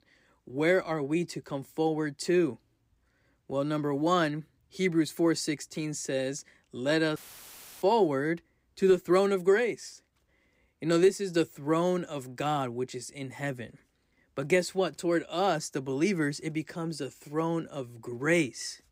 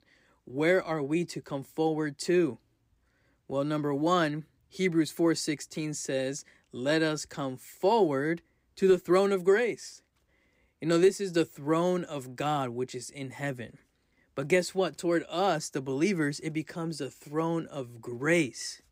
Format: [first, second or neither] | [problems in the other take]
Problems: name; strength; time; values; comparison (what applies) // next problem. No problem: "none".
second | audio cutting out; filled with static; at 7 s for 0.5 s